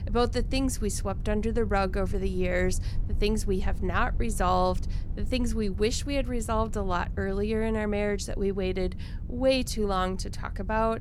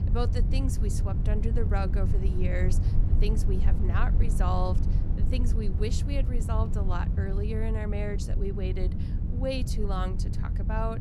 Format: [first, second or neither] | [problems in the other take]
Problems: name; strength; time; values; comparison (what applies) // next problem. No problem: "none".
first | low rumble; loud; throughout; 6 dB below the speech; faint in the first